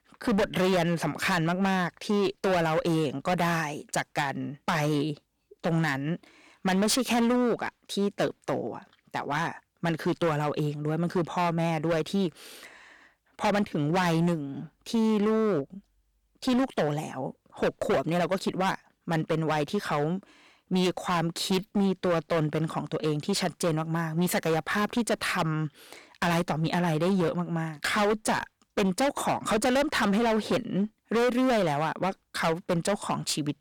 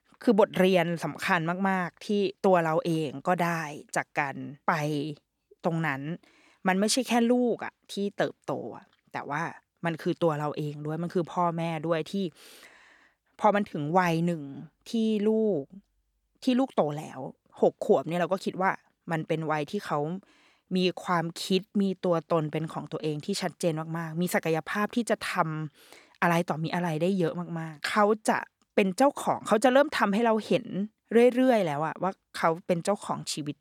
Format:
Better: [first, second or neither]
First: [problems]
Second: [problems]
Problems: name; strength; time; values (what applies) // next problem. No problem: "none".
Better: second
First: distortion; heavy; 16% of the sound clipped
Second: none